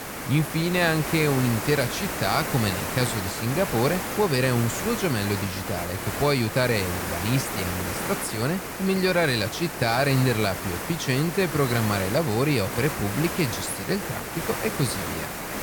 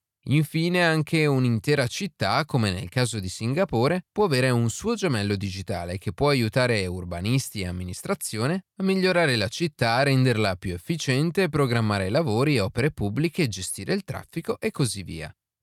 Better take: second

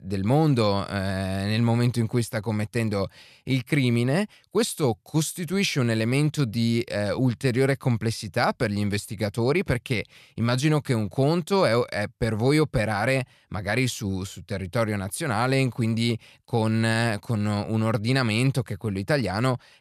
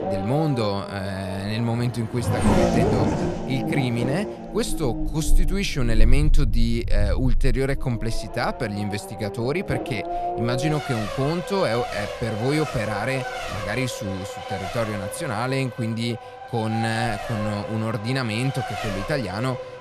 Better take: first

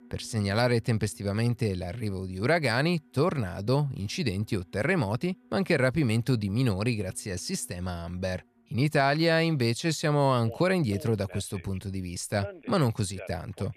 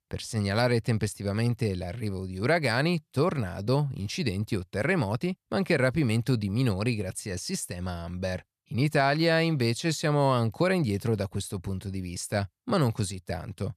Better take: second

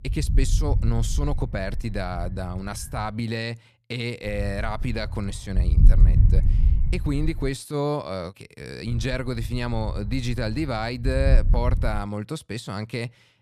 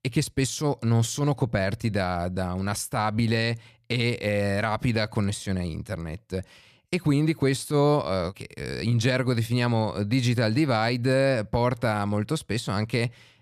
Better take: second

